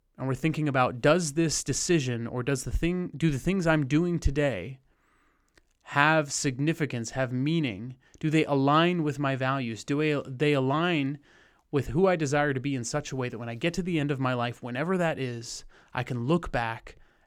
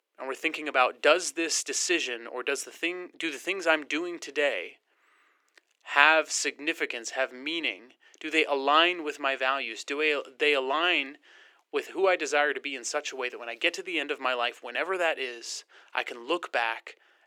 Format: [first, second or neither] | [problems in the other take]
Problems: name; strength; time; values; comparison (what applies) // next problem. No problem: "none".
first | thin; very; fading below 350 Hz